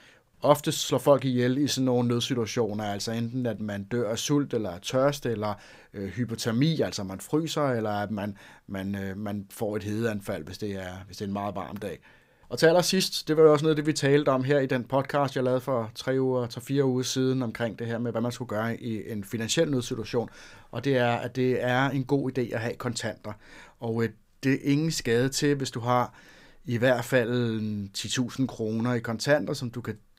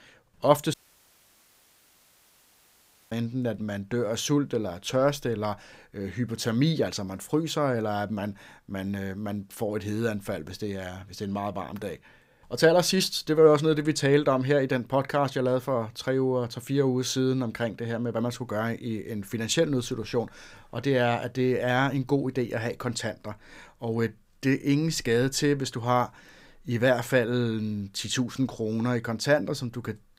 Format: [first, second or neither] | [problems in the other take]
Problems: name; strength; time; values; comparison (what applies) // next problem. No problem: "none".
first | audio cutting out; at 0.5 s for 2.5 s